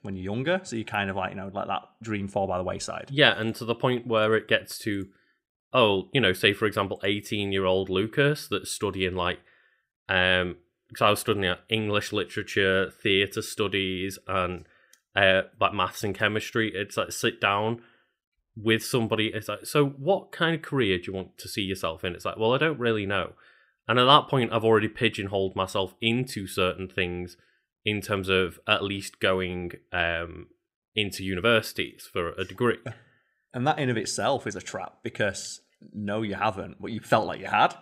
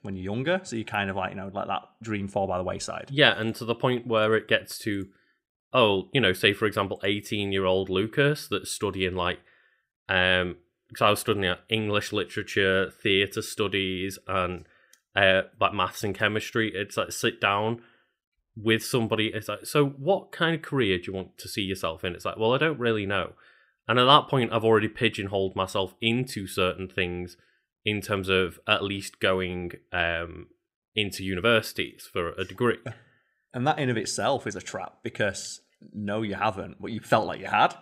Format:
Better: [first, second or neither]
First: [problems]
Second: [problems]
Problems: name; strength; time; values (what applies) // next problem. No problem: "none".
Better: neither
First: none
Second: none